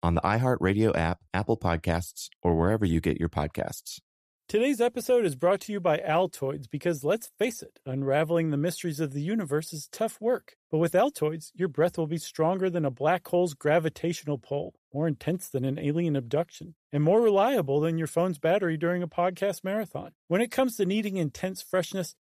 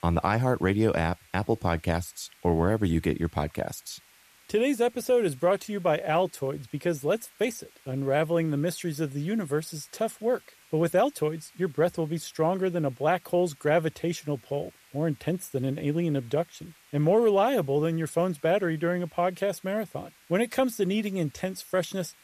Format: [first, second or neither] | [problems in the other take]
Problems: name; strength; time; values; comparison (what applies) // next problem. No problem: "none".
first | hiss; faint; throughout; 30 dB below the speech